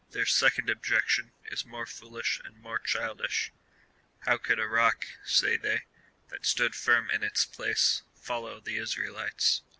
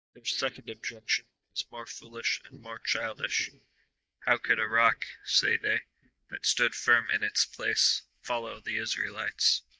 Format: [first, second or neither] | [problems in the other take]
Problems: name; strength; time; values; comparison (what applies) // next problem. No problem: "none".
first | noise reduction (neural mask model DeepFilterNet 3)